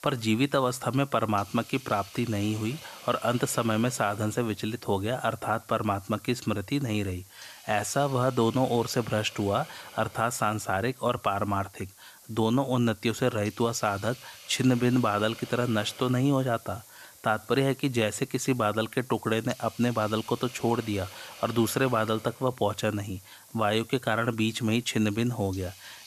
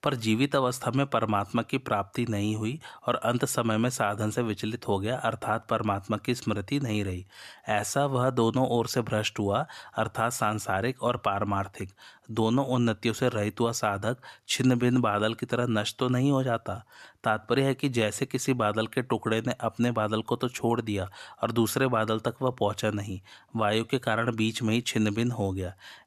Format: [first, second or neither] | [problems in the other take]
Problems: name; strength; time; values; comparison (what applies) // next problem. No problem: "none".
second | hiss; noticeable; throughout; 20 dB below the speech